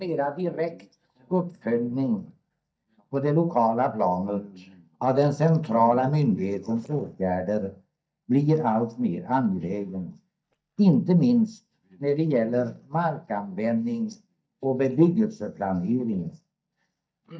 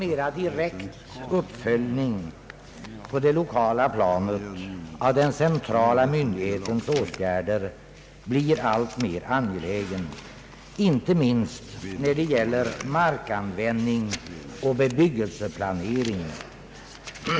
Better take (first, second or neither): second